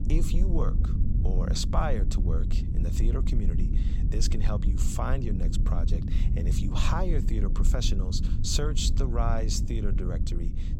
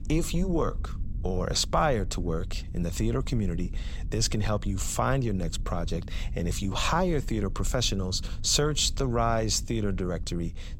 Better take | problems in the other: second | low rumble; loud; throughout; 8 dB below the speech; faint in the second

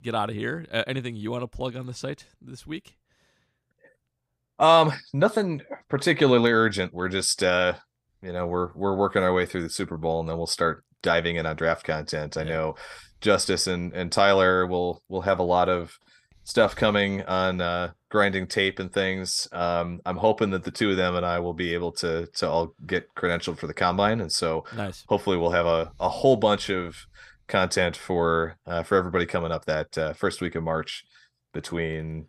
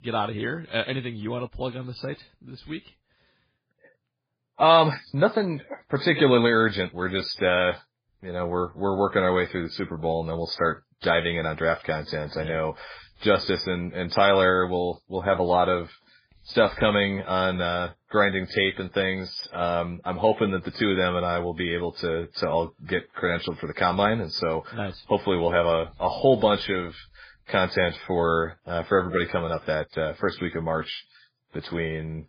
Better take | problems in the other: first | garbled, watery; badly; nothing above 5 kHz

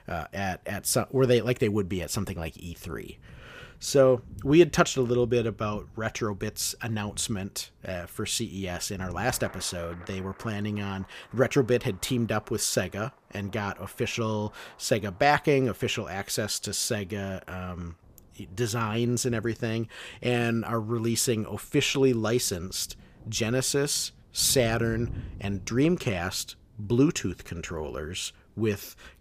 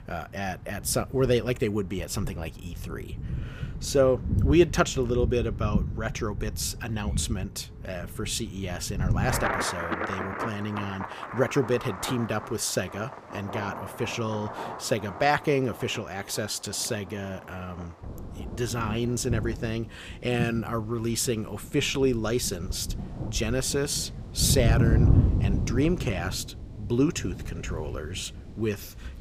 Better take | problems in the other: first | rain or running water; loud; throughout; 3 dB below the speech; faint in the first

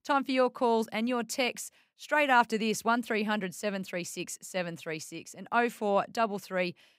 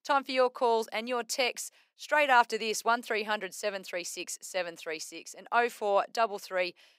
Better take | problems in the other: first | thin; somewhat; fading below 450 Hz

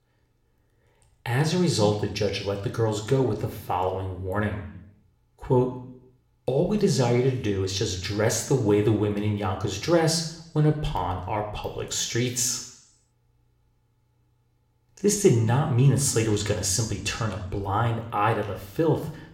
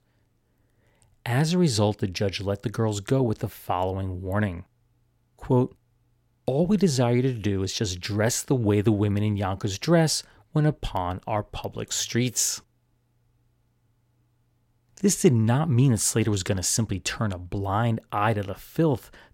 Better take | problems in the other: second | room echo; slight; dies away in 0.7 s

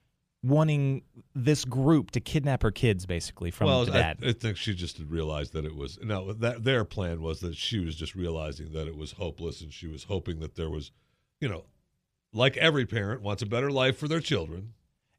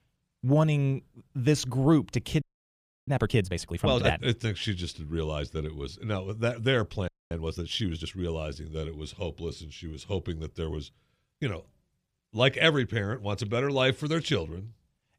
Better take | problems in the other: first | audio freezing; at 2.5 s for 0.5 s and at 7 s

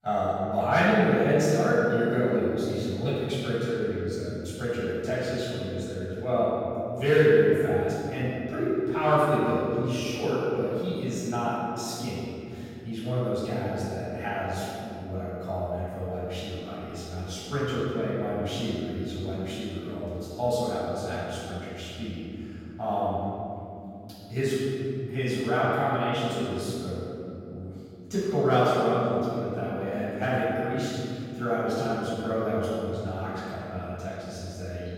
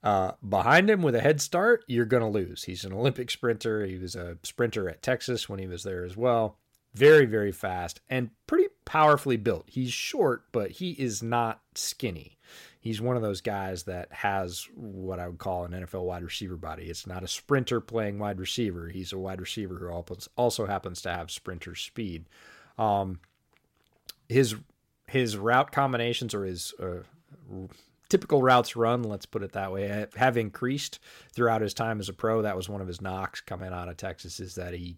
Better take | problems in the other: second | off-mic speech; far // room echo; strong; dies away in 3 s

